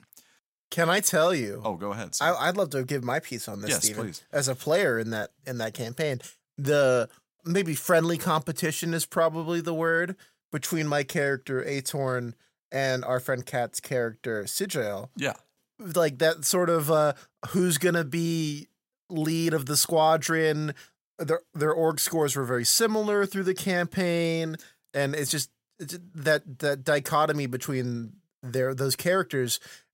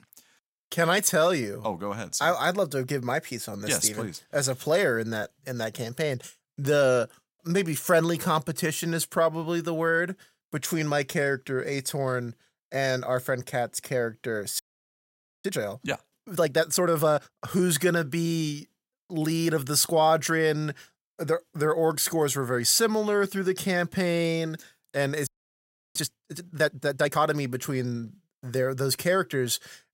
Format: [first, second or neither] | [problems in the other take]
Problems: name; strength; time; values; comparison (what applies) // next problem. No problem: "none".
first | audio freezing; at 15 s for 1 s and at 25 s for 0.5 s